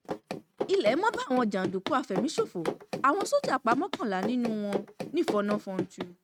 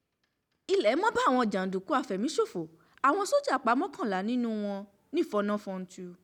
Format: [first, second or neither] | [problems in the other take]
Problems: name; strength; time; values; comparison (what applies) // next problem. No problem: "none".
second | noise reduction (neural mask model RNNoise)